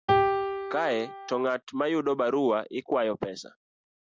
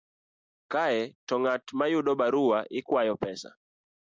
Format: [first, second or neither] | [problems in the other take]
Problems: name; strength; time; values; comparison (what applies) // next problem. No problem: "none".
second | background sound (Piano); 2 dB above the speech